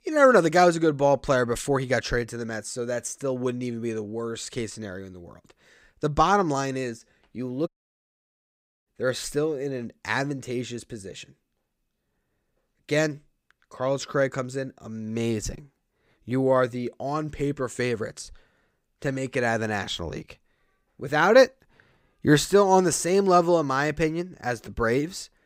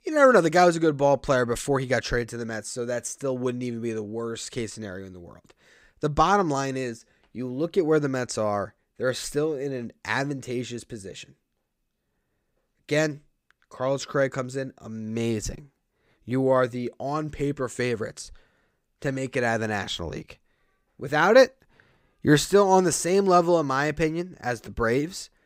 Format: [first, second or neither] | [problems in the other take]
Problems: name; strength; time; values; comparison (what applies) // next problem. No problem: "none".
second | audio cutting out; at 7.5 s for 1 s